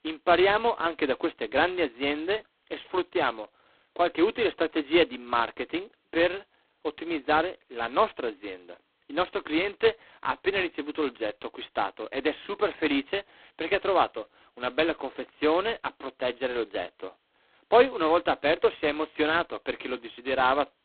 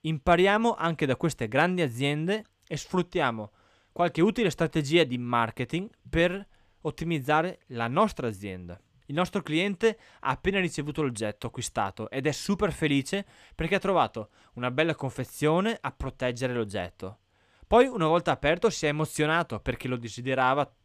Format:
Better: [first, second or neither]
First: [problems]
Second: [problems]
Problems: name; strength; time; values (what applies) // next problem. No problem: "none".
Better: second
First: phone-call audio; poor line; nothing above 4 kHz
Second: none